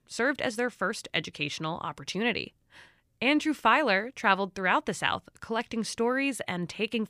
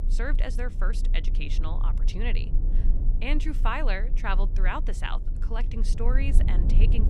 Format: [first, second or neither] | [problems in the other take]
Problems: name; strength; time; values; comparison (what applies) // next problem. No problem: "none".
first | low rumble; noticeable; throughout; 10 dB below the speech